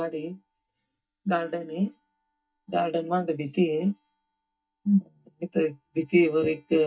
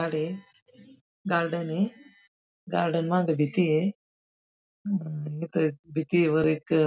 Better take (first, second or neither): second